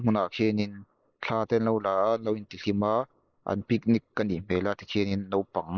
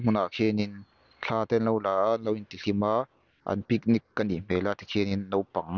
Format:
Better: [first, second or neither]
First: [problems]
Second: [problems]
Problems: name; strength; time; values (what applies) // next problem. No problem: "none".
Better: second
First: noise reduction (neural mask model Resemble Enhance denoiser)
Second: none